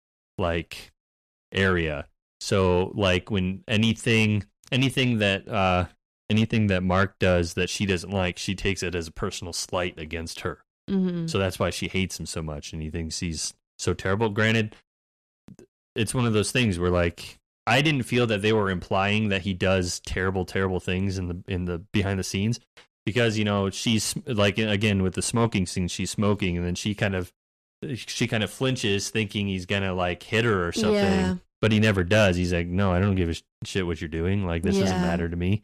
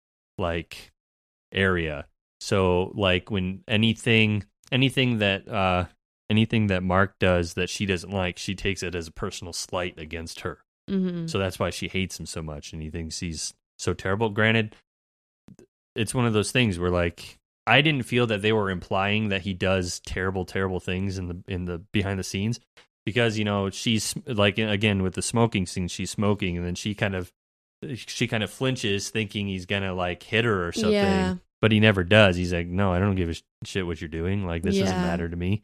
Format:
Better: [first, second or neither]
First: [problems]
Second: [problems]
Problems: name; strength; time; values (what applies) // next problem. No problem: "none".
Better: second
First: distortion; slight; 10 dB below the speech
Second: none